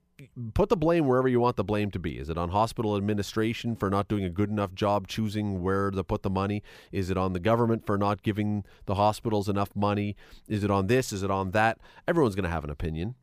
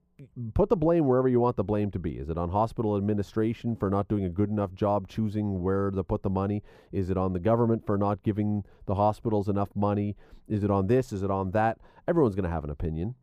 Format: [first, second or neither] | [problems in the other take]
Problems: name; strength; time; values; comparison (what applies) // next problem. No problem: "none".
first | muffled; slightly; fading above 1.5 kHz